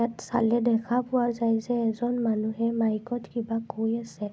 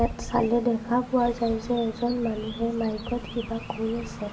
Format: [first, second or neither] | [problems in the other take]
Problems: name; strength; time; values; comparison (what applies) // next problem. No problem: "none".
first | background sound (Chirp, tweet); 12 dB below the speech // room echo; dies away in 1.9 s